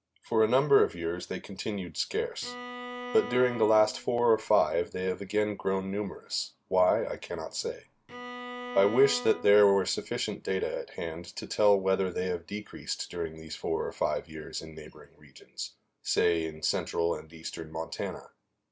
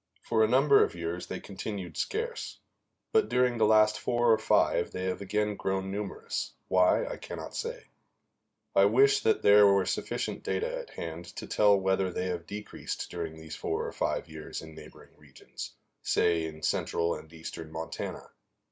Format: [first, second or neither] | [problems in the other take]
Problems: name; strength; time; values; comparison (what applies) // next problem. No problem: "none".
second | background sound (Bowed string instrument); 12 dB below the speech